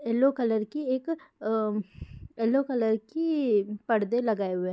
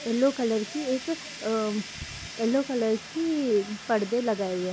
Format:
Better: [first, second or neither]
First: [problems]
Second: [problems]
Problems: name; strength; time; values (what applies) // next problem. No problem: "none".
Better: first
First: none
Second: background sound (Fire); 14 dB below the speech